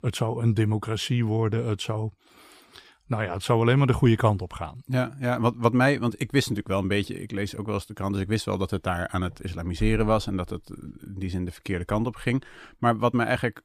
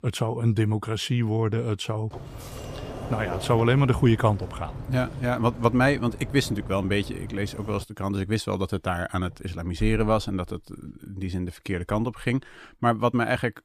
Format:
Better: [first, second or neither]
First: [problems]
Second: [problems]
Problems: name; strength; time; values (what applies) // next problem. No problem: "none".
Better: first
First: none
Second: door banging; noticeable; from 2 to 8 s; peak 8 dB below the speech